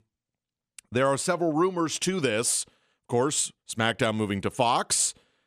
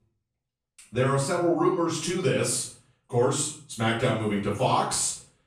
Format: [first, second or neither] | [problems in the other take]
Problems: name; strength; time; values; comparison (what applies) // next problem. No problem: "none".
first | off-mic speech; far // room echo; noticeable; dies away in 0.5 s